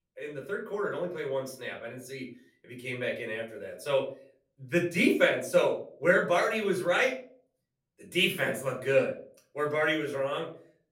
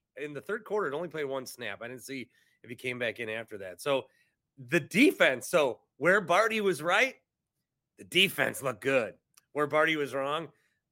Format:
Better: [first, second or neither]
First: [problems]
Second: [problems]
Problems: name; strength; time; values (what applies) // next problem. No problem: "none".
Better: second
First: room echo; slight; dies away in 0.3 s // off-mic speech; far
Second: none